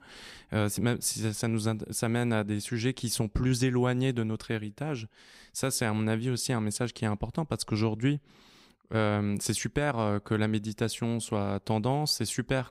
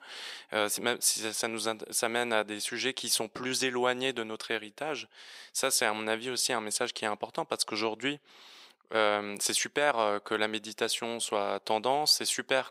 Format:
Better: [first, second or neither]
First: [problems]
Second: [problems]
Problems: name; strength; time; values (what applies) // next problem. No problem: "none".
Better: first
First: none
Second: thin; very; fading below 550 Hz